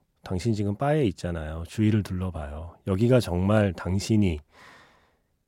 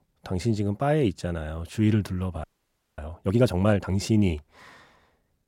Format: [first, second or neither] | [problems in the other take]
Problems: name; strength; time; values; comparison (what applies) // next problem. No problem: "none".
first | audio freezing; at 2.5 s for 0.5 s